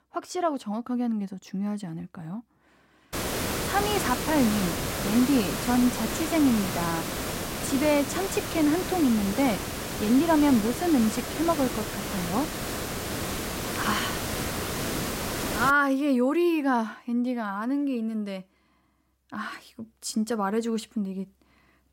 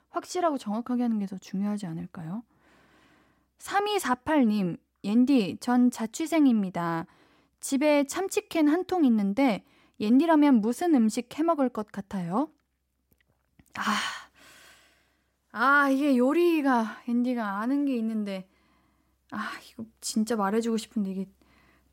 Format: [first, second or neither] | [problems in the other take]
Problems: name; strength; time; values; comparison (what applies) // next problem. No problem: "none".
second | hiss; loud; from 3 to 16 s; 4 dB below the speech